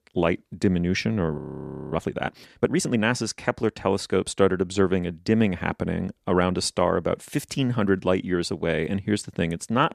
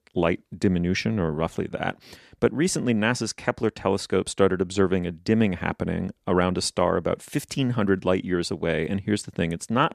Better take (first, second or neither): second